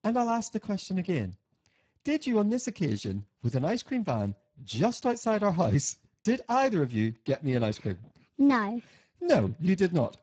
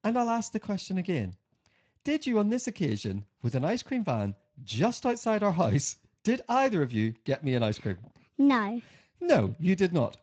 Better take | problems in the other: second | garbled, watery; badly; nothing above 7.5 kHz; slightly in the second

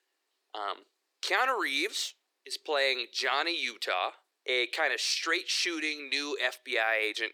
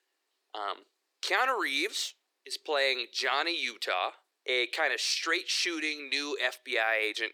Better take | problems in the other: neither | thin; very; fading below 350 Hz; the same in both

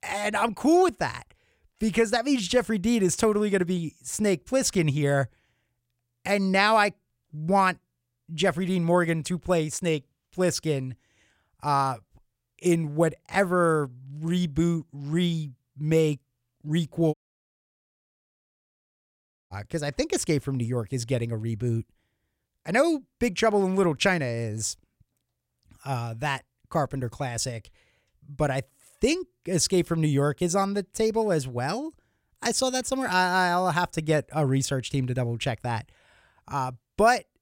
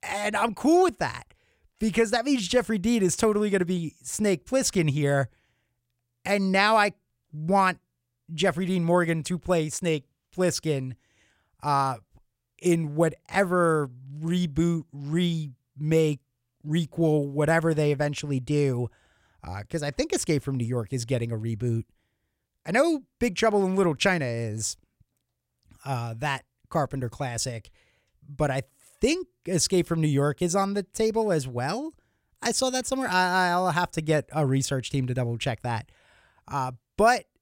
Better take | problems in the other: second | audio cutting out; at 17 s for 2.5 s

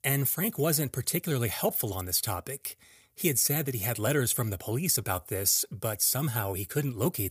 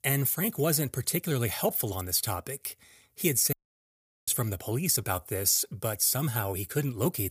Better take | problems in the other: first | audio cutting out; at 3.5 s for 0.5 s

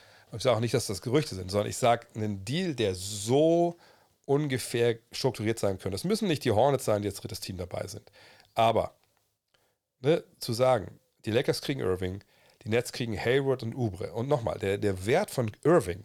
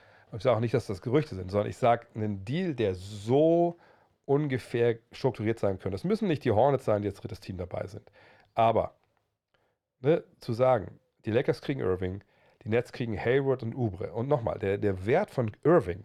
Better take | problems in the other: first | muffled; slightly; fading above 3.5 kHz

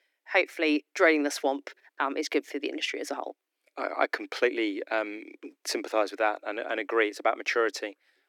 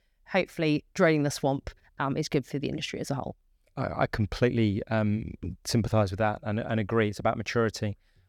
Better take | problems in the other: second | thin; somewhat; fading below 300 Hz

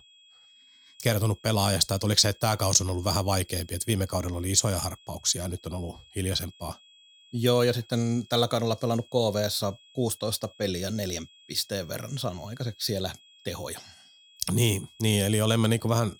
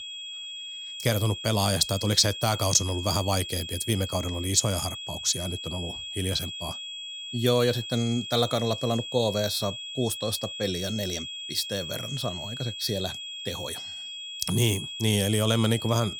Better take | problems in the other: first | high-pitched whine; loud; throughout; 3.5 kHz, 8 dB below the speech; faint in the first

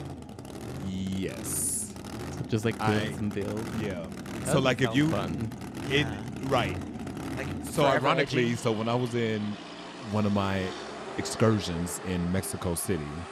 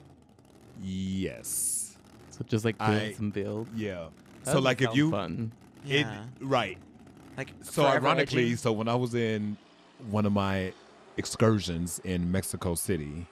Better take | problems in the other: second | traffic noise; loud; throughout; 9 dB below the speech; faint in the second

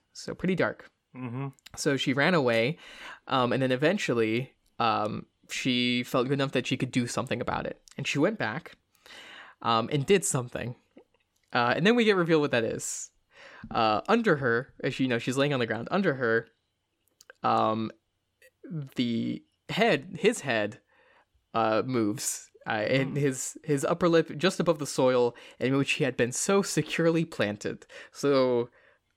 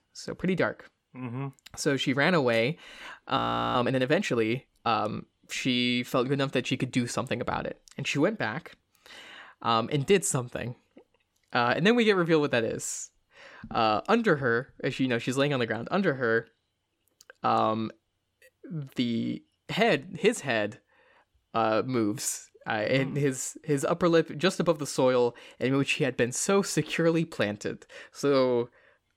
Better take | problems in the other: first | audio freezing; at 3.5 s

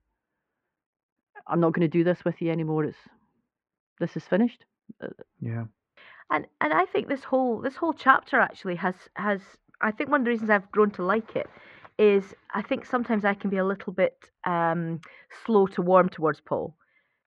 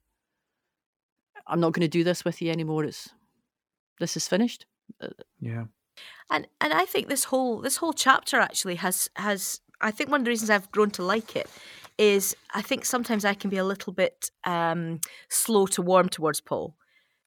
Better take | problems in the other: second | muffled; very; fading above 2 kHz

